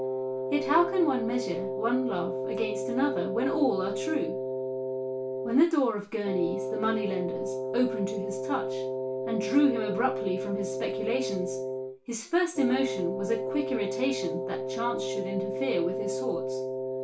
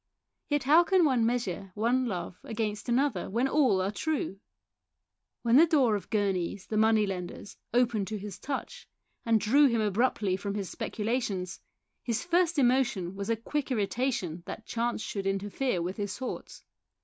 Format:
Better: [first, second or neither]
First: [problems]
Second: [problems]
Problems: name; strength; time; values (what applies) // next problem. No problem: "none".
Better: second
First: background sound (Wind instrument, woodwind instrument); 2 dB below the speech // room echo; dies away in 0.3 s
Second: none